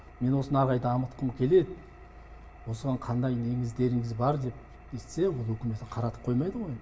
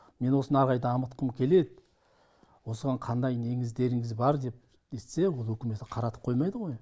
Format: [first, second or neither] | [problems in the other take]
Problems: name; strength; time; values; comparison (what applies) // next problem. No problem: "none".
second | background sound (Engine); 19 dB below the speech // room echo; dies away in 0.7 s